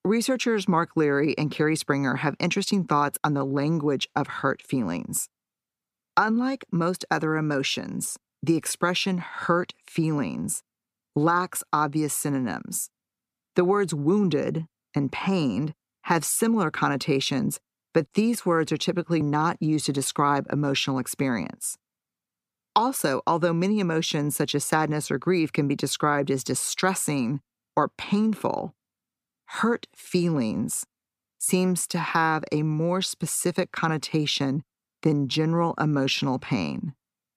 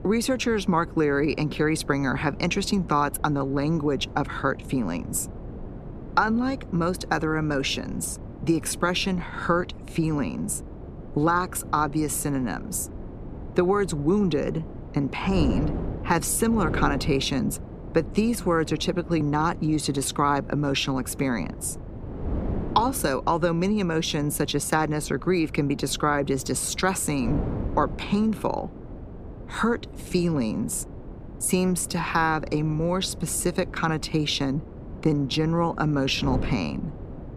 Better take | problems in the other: first | wind noise on the microphone; occasional gusts; 15 dB below the speech

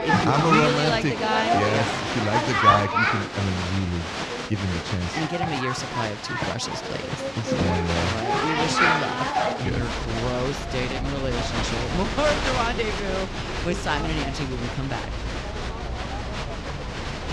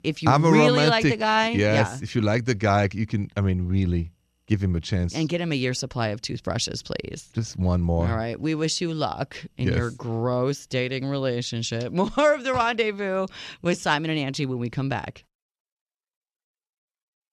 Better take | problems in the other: second | crowd noise; very loud; throughout; 1 dB above the speech

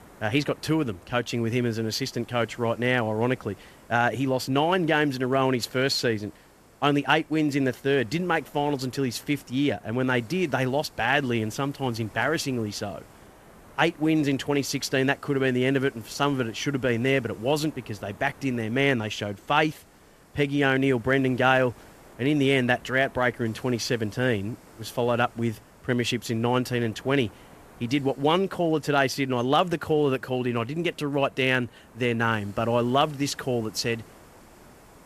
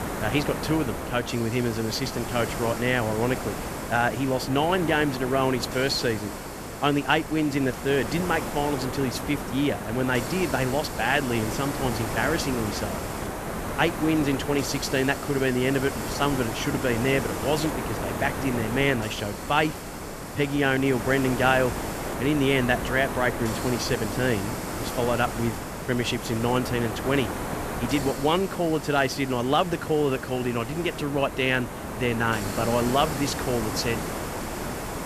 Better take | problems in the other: first | hiss; loud; throughout; 6 dB below the speech; faint in the first

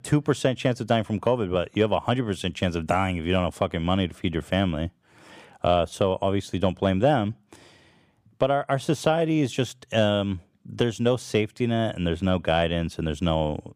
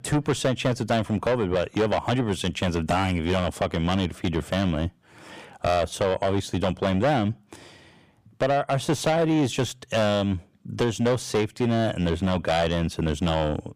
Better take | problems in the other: first | distortion; heavy; 7 dB below the speech

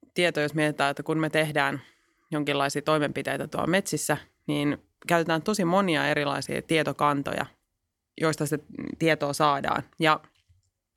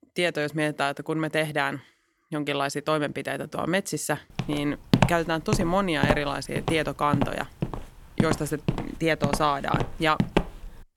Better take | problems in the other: first | footsteps; loud; from 4.5 to 10 s; peak 4 dB above the speech

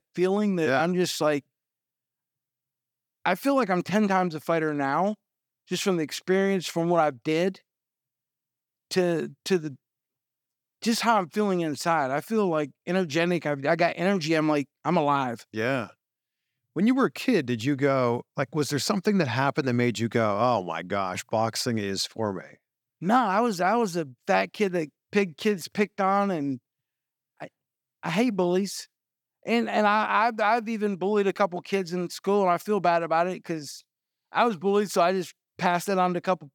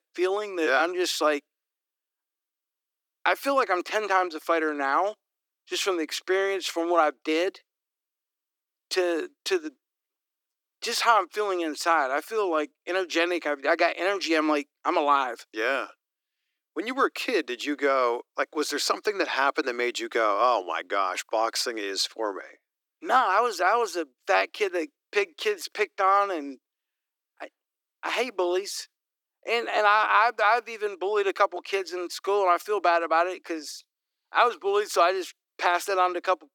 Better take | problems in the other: first | thin; very; fading below 300 Hz

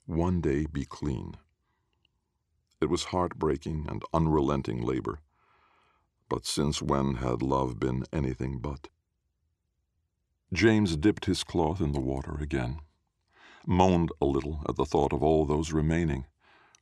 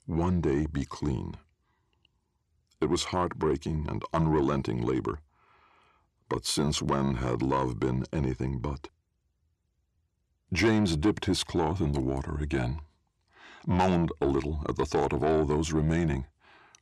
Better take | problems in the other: first | distortion; slight; 10 dB below the speech

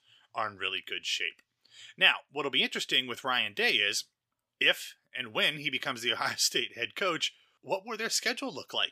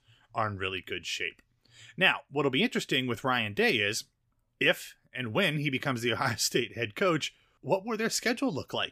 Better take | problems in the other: second | thin; somewhat; fading below 600 Hz

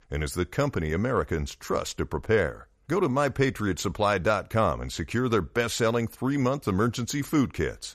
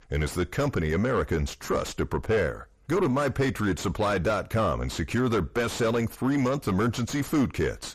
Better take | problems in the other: first | distortion; heavy; 7 dB below the speech

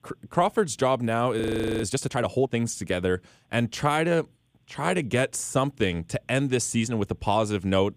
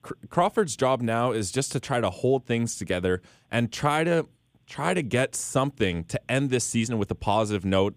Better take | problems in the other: second | audio freezing; at 1.5 s

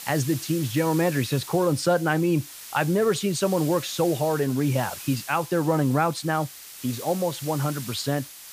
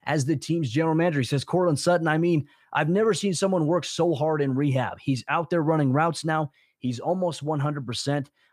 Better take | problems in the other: second | hiss; noticeable; throughout; 15 dB below the speech

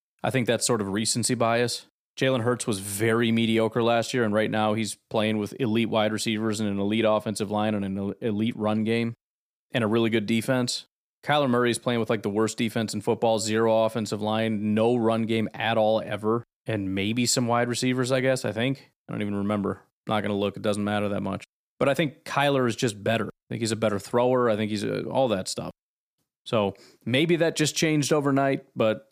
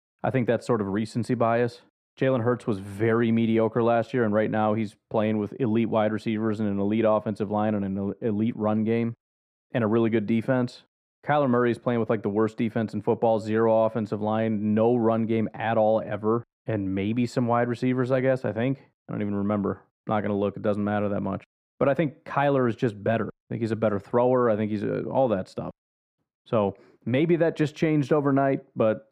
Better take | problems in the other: first | muffled; very; fading above 3 kHz

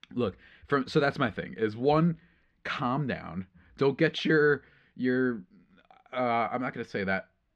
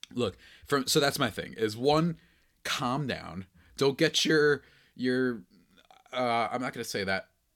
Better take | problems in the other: second | muffled; slightly; fading above 2 kHz

